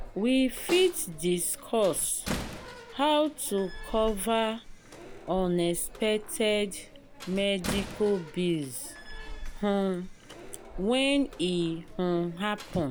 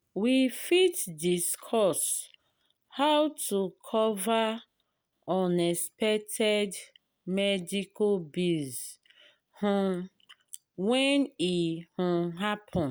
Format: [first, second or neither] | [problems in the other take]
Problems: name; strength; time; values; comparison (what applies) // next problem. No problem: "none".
second | background sound (Slam + Snare drum); 12 dB below the speech